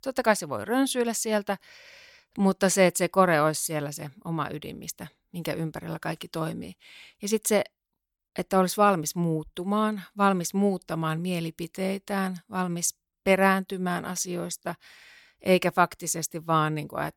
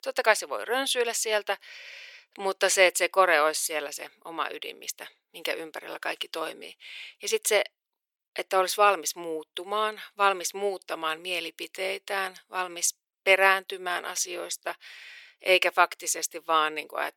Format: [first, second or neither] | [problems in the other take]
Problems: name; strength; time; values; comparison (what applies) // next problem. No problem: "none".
first | thin; very; fading below 400 Hz